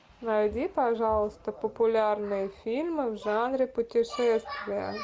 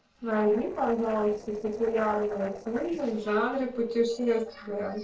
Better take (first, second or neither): first